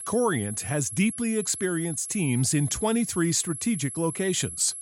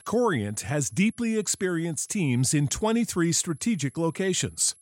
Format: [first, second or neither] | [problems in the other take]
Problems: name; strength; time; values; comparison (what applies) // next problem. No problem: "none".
second | high-pitched whine; loud; throughout; 11 kHz, 8 dB below the speech; faint in the second